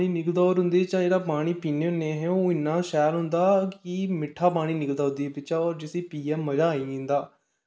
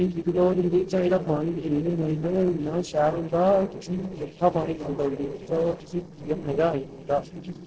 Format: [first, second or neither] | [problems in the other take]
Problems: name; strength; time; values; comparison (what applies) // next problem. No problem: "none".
first | noise reduction (neural separator model SepFormer DNS4)